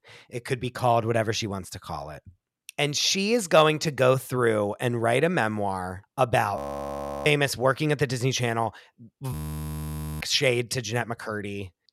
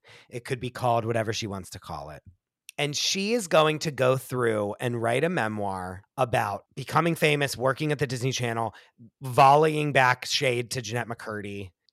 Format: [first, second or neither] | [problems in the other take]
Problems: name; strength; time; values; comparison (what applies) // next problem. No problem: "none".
second | audio freezing; at 6.5 s for 0.5 s and at 9.5 s for 1 s